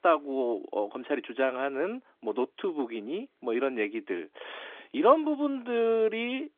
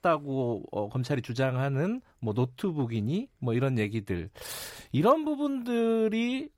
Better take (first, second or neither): second